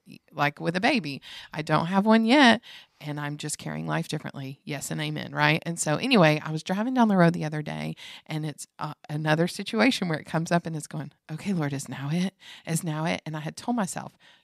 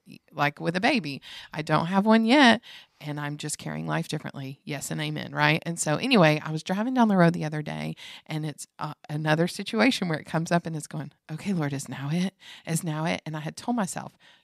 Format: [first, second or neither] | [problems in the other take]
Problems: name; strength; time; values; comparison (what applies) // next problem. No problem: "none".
neither | none